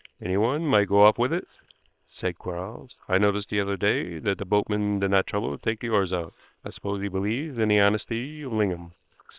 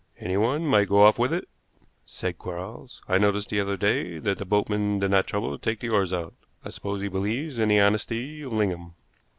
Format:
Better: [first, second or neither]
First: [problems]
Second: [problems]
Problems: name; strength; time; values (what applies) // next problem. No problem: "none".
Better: second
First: noise reduction (neural separator model SepFormer WHAM!)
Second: none